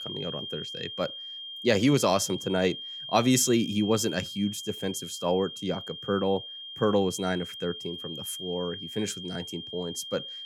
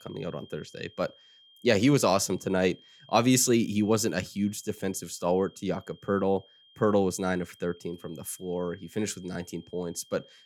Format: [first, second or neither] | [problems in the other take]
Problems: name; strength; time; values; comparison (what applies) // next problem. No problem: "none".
second | high-pitched whine; loud; throughout; 3 kHz, 9 dB below the speech; faint in the second